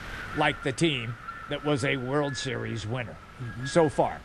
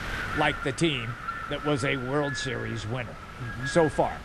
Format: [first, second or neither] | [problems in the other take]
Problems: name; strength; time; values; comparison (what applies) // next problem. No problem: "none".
first | wind noise on the microphone; heavy; 5 dB below the speech; occasional gusts in the first